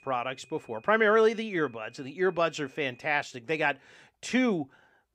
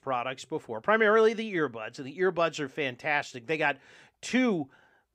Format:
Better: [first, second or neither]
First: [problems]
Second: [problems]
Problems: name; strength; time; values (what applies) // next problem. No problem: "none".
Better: second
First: high-pitched whine; faint; until 3 s; 2.5 kHz, 30 dB below the speech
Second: none